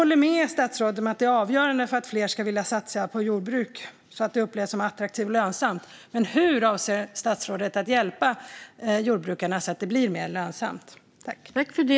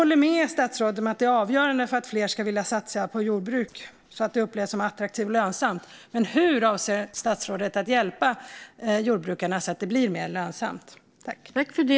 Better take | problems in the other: first | noise reduction (neural separator model SepFormer DNS4)

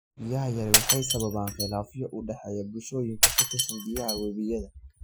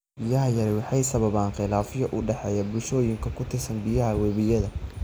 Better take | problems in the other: second | noise reduction (classical method Wiener filter)

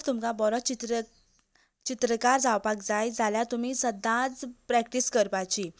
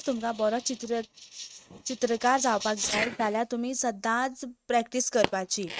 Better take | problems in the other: first | noise reduction (neural mask model RNNoise)

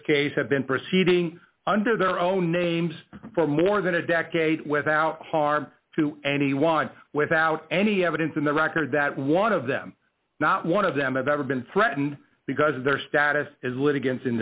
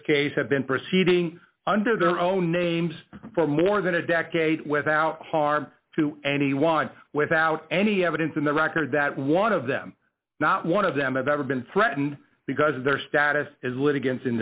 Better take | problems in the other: first | noise reduction (neural mask model Resemble Enhance denoiser)

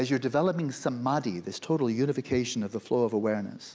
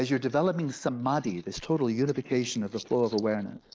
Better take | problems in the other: first | noise reduction (neural mask model Resemble Enhance denoiser)

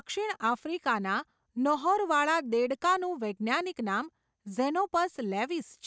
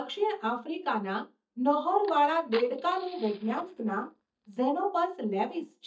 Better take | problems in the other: first | noise reduction (neural mask model DeepFilterNet 3)

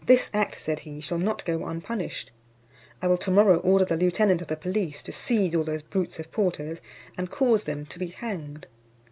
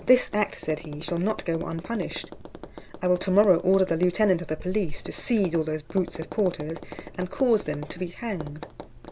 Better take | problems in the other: first | background sound (Tap); 13 dB below the speech

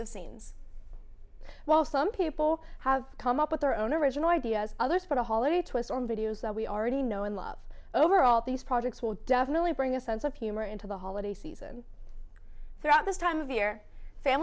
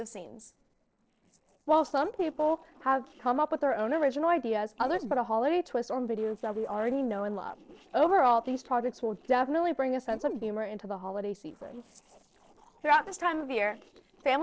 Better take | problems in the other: first | noise reduction (neural separator model SepFormer DNS4)

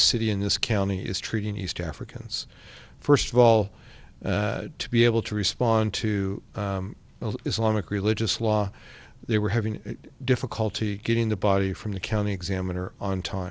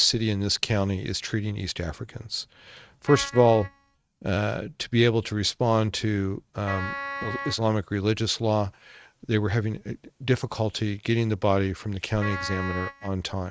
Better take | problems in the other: first | noise reduction (neural mask model RNNoise)

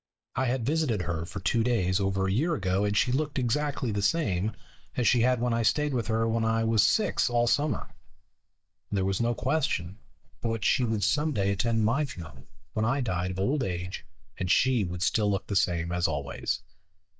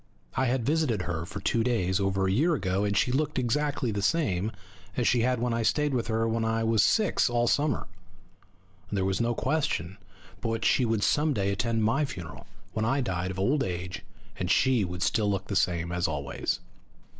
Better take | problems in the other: second | noise reduction (neural mask model DeepFilterNet 3)

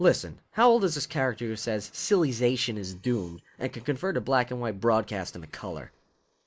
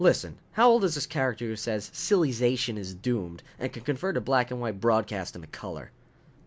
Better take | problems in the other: second | noise reduction (neural mask model Resemble Enhance denoiser)

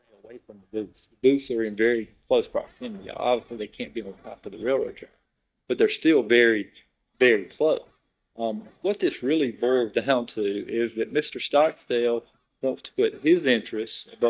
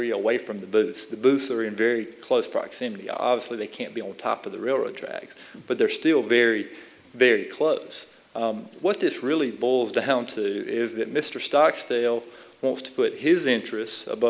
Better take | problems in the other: second | noise reduction (neural mask model DeepFilterNet 3)

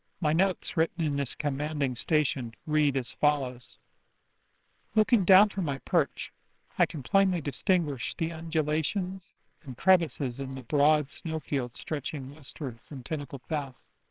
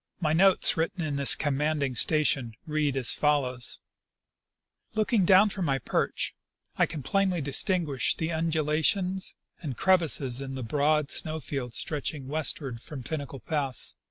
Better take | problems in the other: second | noise reduction (neural separator model SepFormer WHAMR!)

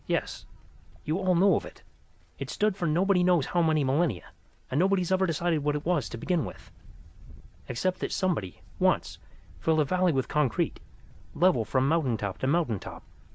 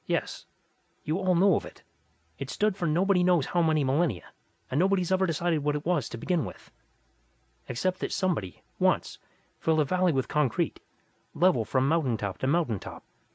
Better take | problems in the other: second | background sound (Livestock, farm animals, working animals); 20 dB below the speech

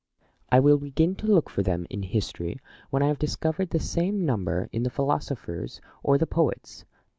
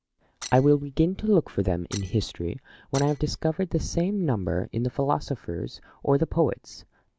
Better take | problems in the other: first | background sound (Shatter); 18 dB below the speech

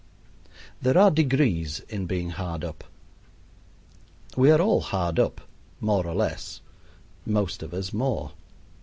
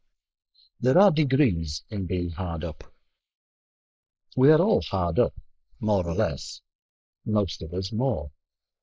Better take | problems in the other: first | noise reduction (neural mask model Resemble Enhance denoiser)

